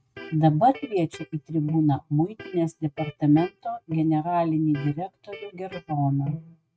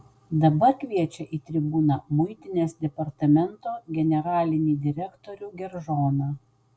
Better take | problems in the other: second | noise reduction (neural mask model RNNoise)

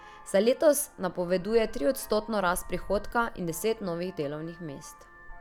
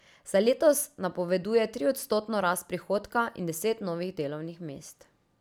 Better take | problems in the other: second | background sound (Vehicle horn, car horn, honking); 14 dB below the speech

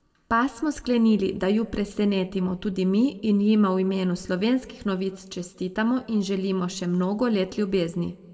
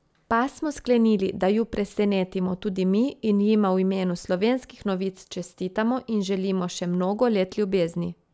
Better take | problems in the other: second | room echo; dies away in 0.9 s

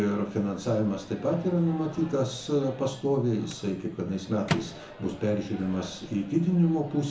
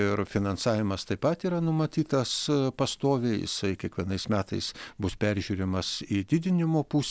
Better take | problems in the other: second | background sound (Microwave oven); 14 dB below the speech // room echo; dies away in 0.5 s

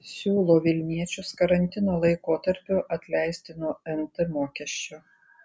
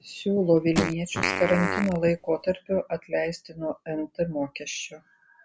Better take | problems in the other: first | background sound (Fart); 4 dB below the speech

